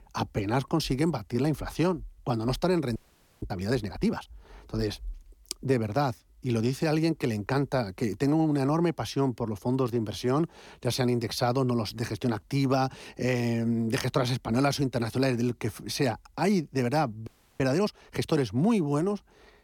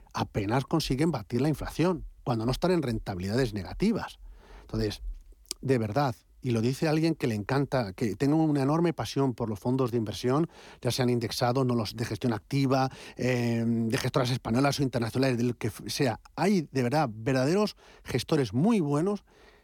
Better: second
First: audio freezing; at 3 s and at 17 s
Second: none

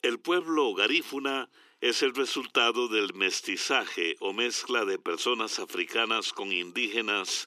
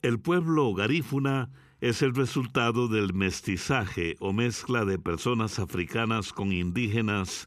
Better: second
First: thin; somewhat; fading below 300 Hz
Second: none

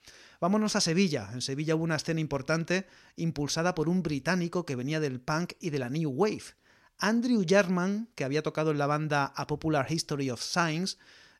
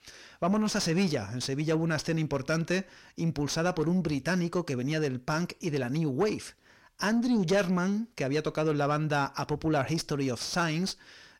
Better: first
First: none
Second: distortion; slight; 10 dB below the speech

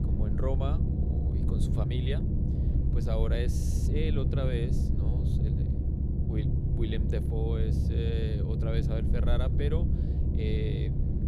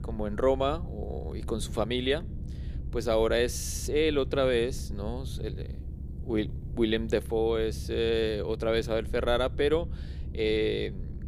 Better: second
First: low rumble; loud; throughout; 2 dB below the speech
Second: low rumble; faint; throughout; 20 dB below the speech

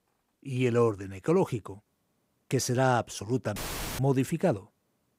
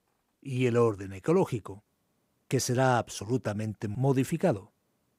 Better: second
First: audio cutting out; filled with static; at 3.5 s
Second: none

